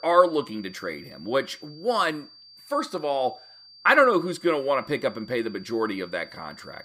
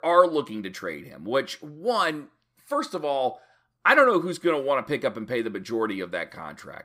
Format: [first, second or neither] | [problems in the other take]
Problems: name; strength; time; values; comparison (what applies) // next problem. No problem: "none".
second | high-pitched whine; faint; throughout; 4.5 kHz, 20 dB below the speech